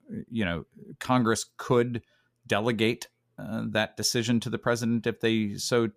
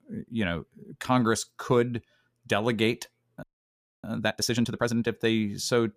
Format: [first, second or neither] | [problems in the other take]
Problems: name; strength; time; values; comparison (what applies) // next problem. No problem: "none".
first | audio freezing; at 3.5 s for 0.5 s